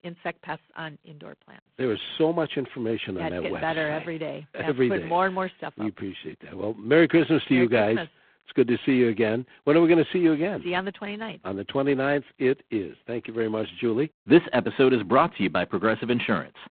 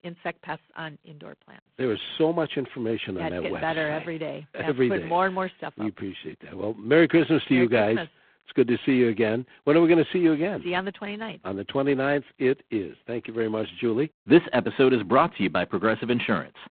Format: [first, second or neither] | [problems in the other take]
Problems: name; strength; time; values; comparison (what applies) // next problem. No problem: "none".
neither | phone-call audio; poor line; nothing above 3.5 kHz; the same in both